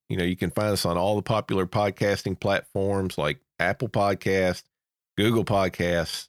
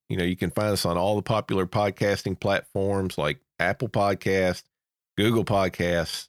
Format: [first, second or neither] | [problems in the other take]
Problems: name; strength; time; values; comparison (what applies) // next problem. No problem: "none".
neither | none